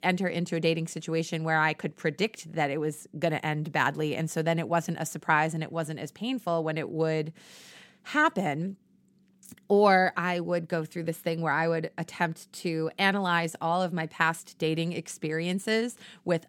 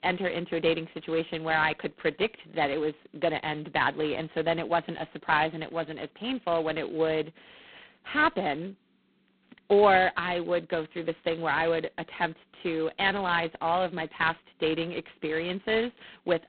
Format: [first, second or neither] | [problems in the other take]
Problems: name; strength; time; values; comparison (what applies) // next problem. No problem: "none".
first | phone-call audio; poor line; nothing above 4 kHz